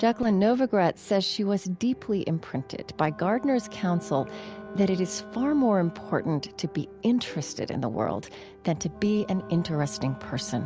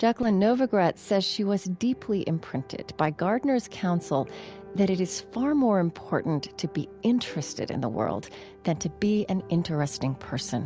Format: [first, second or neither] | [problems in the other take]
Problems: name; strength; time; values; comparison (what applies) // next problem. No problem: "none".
second | background sound (Wind instrument, woodwind instrument); 20 dB below the speech